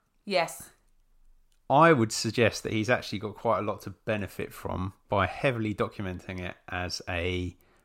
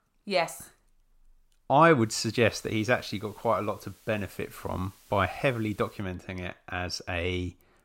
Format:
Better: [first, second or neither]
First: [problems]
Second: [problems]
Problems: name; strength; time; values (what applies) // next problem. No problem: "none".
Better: first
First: none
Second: hiss; faint; from 2 to 6 s; 25 dB below the speech